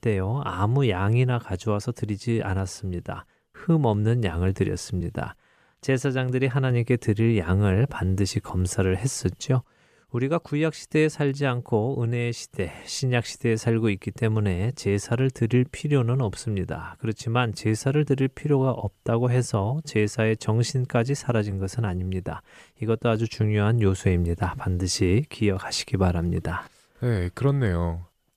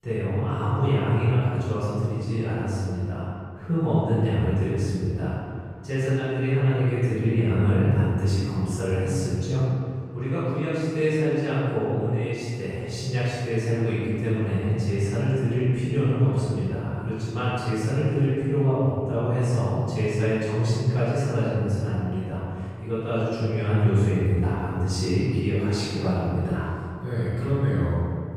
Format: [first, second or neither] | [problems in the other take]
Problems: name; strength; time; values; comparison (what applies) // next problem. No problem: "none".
first | room echo; strong; dies away in 2.1 s // off-mic speech; far